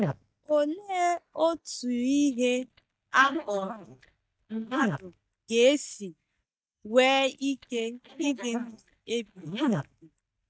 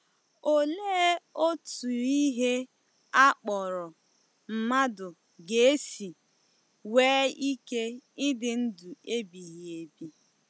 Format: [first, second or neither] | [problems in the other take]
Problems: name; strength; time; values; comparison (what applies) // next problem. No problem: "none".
second | noise reduction (neural mask model DeepFilterNet 3)